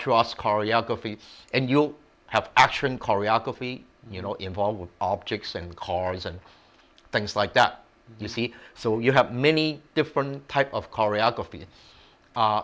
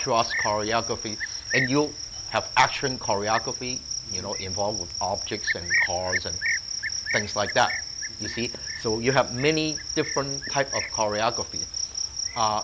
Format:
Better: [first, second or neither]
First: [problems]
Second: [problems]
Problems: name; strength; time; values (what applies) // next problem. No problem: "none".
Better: first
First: none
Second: background sound (Cricket); 3 dB below the speech